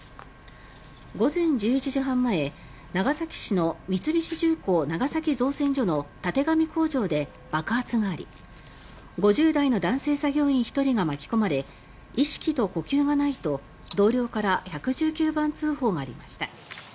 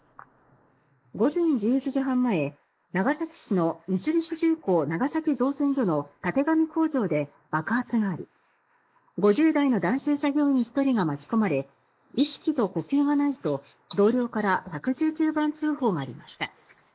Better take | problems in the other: first | noise reduction (neural mask model Resemble Enhance denoiser)

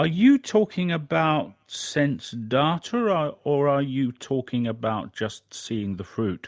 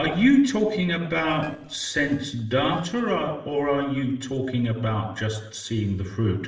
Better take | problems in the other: first | noise reduction (neural separator model SepFormer DNS4)

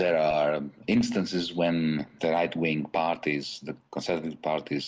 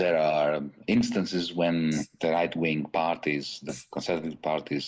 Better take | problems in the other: first | noise reduction (neural mask model Resemble Enhance denoiser)

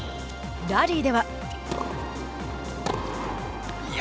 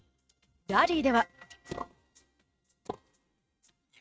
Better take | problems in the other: first | noise reduction (neural mask model RNNoise)

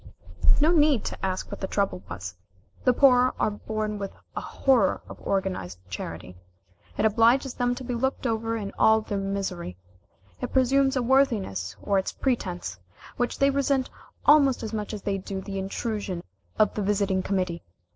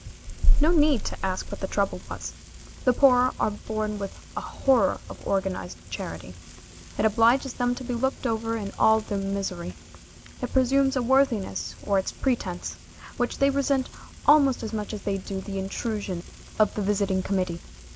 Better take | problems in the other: first | background sound (Frying (food)); 20 dB below the speech

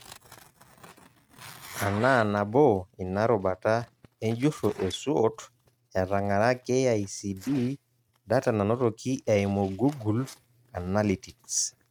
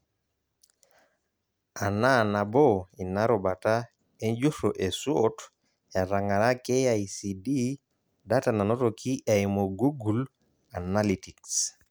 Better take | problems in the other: second | noise reduction (neural mask model RNNoise)

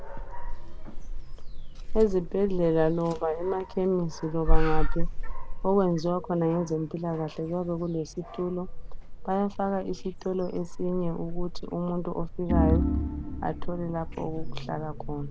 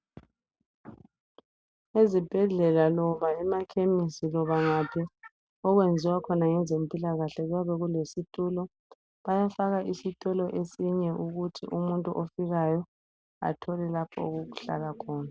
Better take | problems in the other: second | background sound (Organ + Dog); 2 dB above the speech

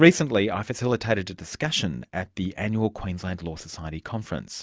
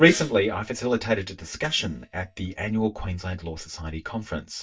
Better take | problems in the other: first | noise reduction (neural mask model DeepFilterNet 3)

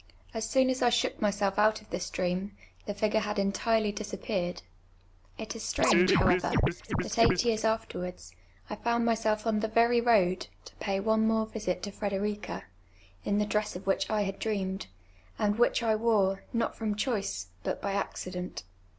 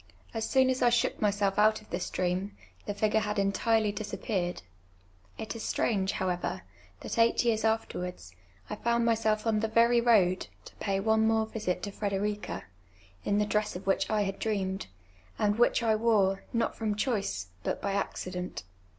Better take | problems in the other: second | background sound (Scratching (performance technique)); 2 dB above the speech

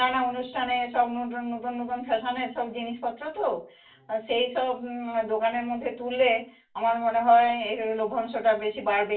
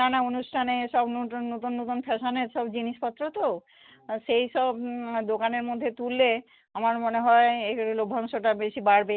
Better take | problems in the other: second | room echo; dies away in 0.3 s

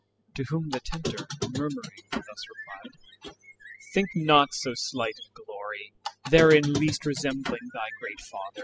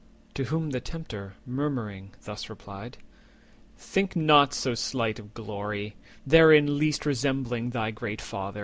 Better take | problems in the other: second | noise reduction (classical method spectral subtraction)

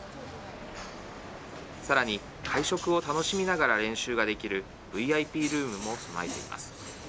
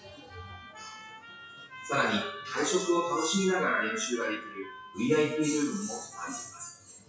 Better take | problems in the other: first | noise reduction (classical method WPE with log-MMSE)

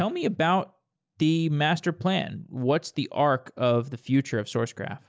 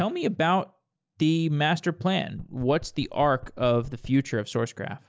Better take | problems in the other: first | background sound (Knock); 18 dB below the speech

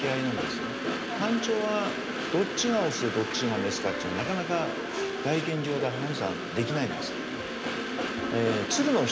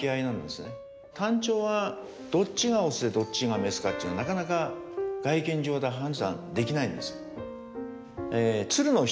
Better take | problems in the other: second | background sound (Train); 3 dB below the speech

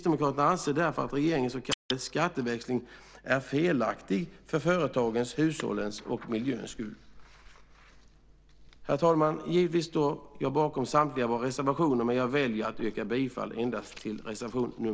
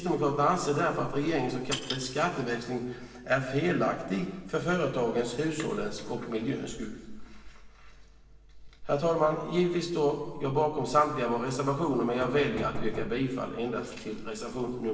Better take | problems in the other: first | background sound (Knock); 13 dB below the speech // room echo; dies away in 1.4 s

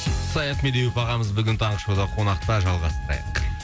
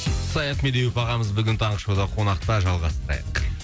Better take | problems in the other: second | background sound (Trumpet); 19 dB below the speech

